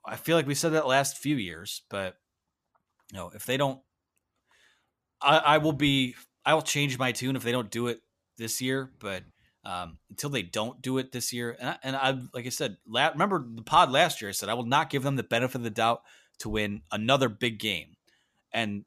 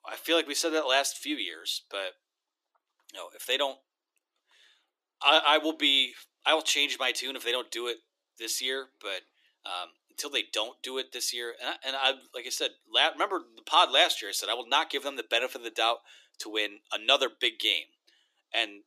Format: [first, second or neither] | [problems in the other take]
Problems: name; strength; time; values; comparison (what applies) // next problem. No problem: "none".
first | thin; somewhat; fading below 300 Hz